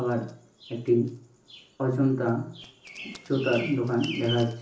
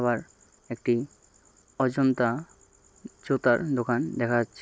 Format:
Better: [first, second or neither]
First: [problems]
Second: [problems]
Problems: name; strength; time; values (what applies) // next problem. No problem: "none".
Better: second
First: background sound (Bird vocalization, bird call, bird song); 15 dB below the speech // room echo; dies away in 0.7 s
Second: none